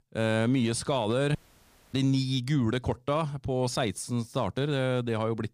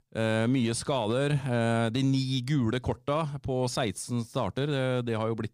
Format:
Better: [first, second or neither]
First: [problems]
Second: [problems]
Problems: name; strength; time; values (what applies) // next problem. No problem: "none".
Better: second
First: audio cutting out; at 1.5 s for 0.5 s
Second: none